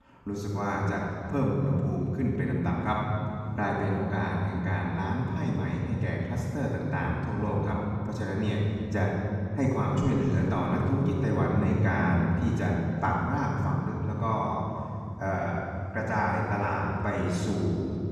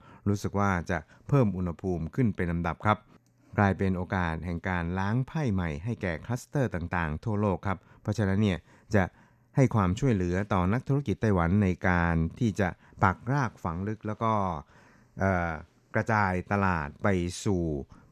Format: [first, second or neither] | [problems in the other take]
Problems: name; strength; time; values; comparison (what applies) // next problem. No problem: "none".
second | room echo; strong; dies away in 3 s // off-mic speech; far